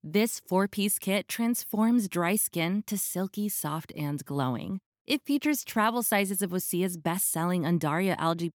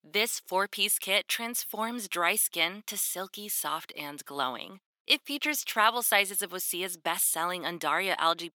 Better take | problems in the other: first | thin; very; fading below 550 Hz

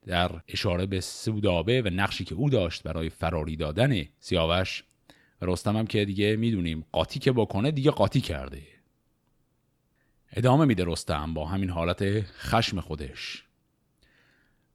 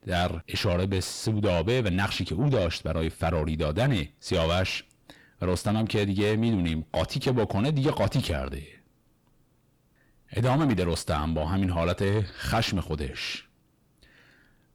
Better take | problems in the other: first | distortion; heavy; 8 dB below the speech

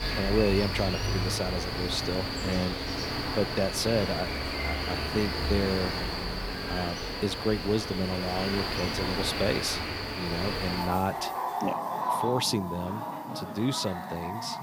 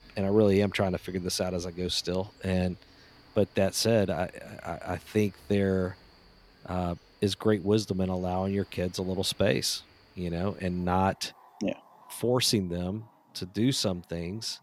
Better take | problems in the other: second | animal sounds; loud; throughout; 1 dB below the speech; faint in the second

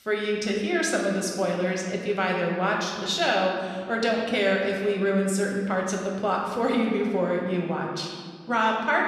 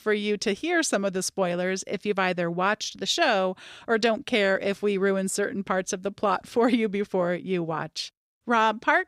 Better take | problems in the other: second | room echo; noticeable; dies away in 1.5 s // off-mic speech; somewhat distant

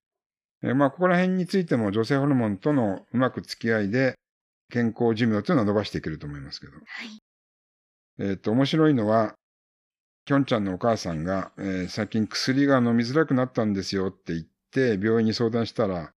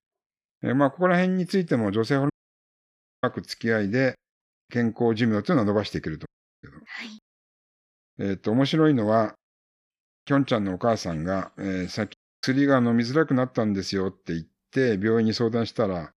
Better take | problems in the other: first | audio cutting out; at 2.5 s for 1 s, at 6.5 s and at 12 s

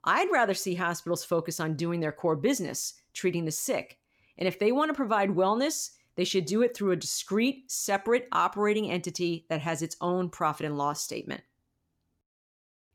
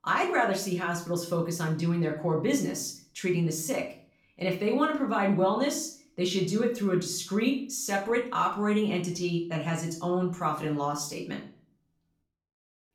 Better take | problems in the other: first | room echo; slight; dies away in 0.4 s // off-mic speech; far

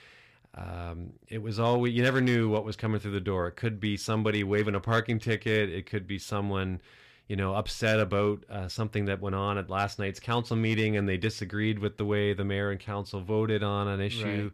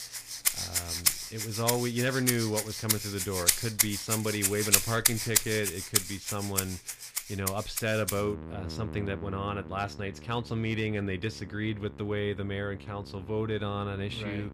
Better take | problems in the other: first | background music; very loud; throughout; 3 dB above the speech

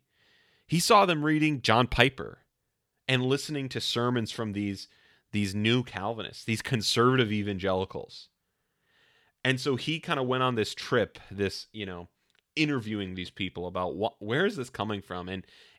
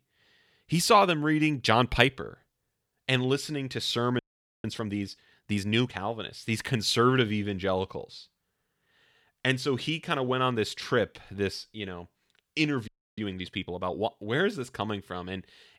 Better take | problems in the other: first | audio freezing; at 4 s and at 13 s

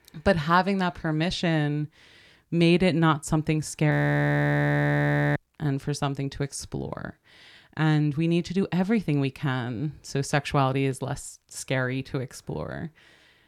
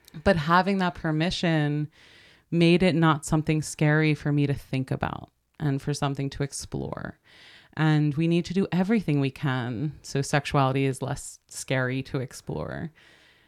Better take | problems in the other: second | audio freezing; at 4 s for 1.5 s

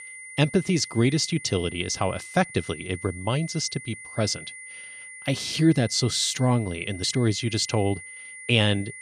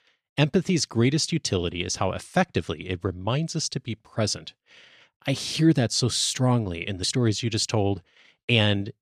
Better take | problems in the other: second | high-pitched whine; noticeable; throughout; 2 kHz, 15 dB below the speech

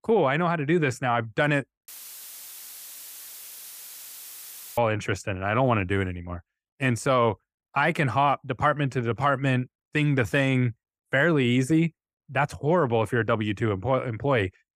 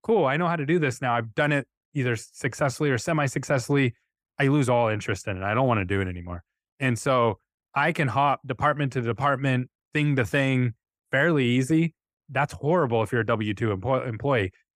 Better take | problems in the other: second | audio cutting out; filled with static; at 2 s for 3 s

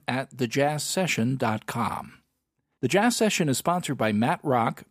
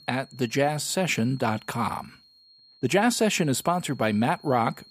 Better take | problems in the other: first | high-pitched whine; faint; throughout; 4.5 kHz, 25 dB below the speech

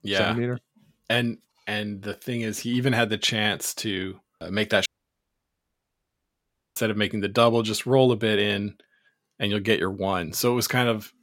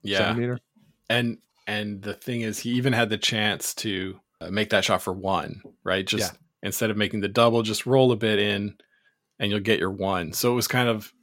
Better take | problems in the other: second | audio cutting out; at 5 s for 2 s

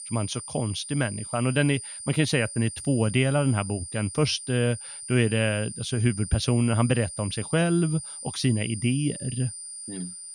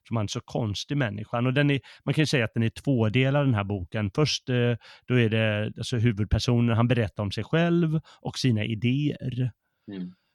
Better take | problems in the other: second | high-pitched whine; loud; throughout; 9 kHz, 10 dB below the speech

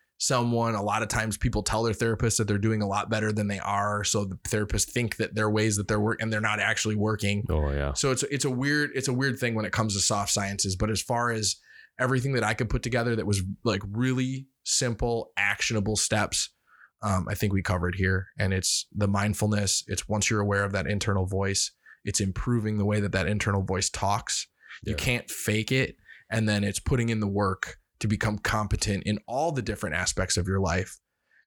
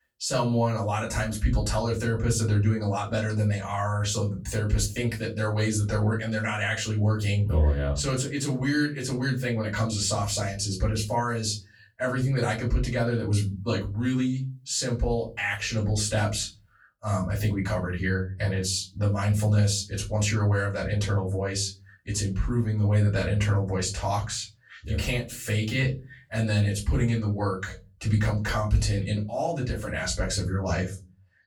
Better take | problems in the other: first | off-mic speech; far // room echo; very slight; dies away in 0.3 s

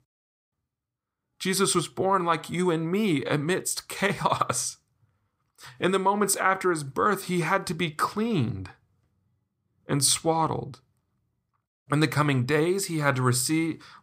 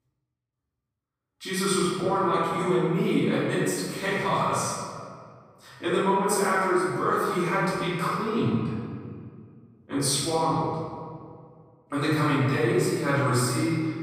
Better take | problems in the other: first | off-mic speech; far // room echo; strong; dies away in 1.8 s

